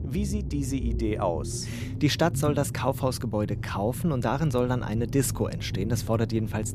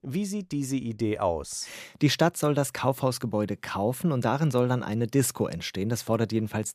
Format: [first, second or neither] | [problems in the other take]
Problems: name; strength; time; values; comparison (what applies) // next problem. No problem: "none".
second | low rumble; noticeable; throughout; 15 dB below the speech